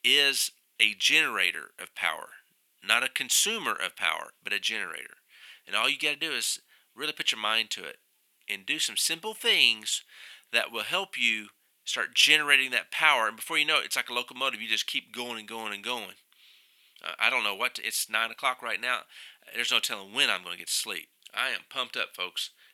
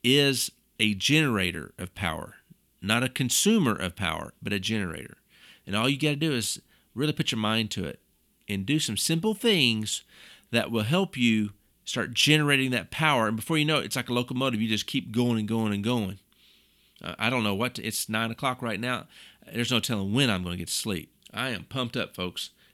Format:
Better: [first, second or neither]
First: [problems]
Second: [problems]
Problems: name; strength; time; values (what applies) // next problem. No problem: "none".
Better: second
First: thin; very; fading below 750 Hz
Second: none